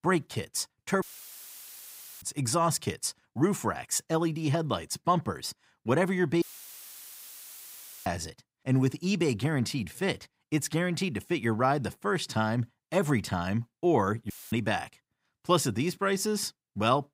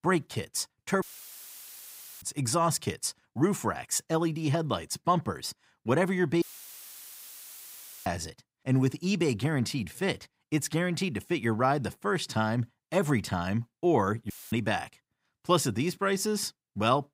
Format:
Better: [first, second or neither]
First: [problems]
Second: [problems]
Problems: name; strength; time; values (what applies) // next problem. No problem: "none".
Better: neither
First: audio cutting out; filled with static; at 1 s for 1 s, at 6.5 s for 1.5 s and at 14 s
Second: audio cutting out; filled with static; at 1 s for 1 s, at 6.5 s for 1.5 s and at 14 s